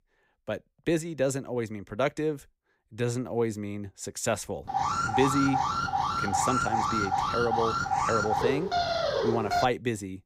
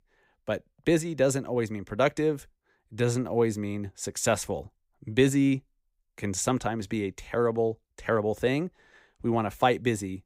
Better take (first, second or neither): second